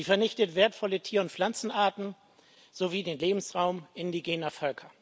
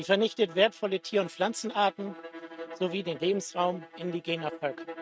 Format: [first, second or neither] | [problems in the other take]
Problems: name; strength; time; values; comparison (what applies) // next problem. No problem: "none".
first | noise reduction (neural mask model RNNoise)